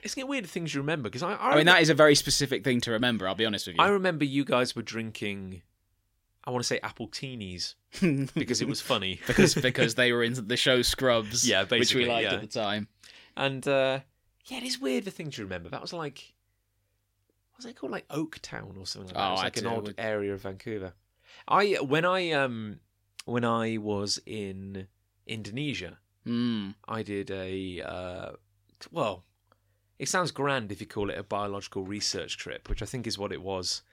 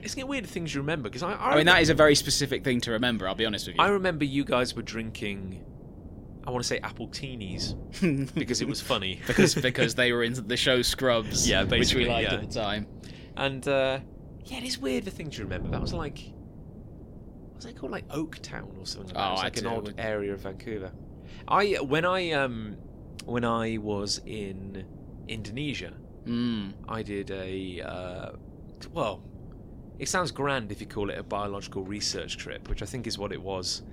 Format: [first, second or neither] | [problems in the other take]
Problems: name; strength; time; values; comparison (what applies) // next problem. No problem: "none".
first | wind noise on the microphone; occasional gusts; 20 dB below the speech